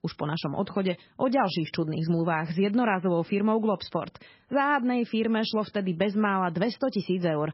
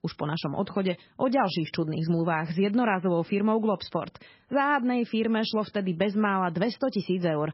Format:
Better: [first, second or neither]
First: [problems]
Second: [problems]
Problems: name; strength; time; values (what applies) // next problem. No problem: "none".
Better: neither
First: garbled, watery; badly; nothing above 5.5 kHz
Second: garbled, watery; badly; nothing above 5.5 kHz